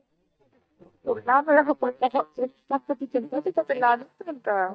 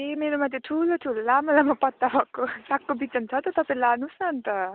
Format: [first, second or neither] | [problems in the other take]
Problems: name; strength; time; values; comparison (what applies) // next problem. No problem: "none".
second | noise reduction (neural mask model DeepFilterNet 3)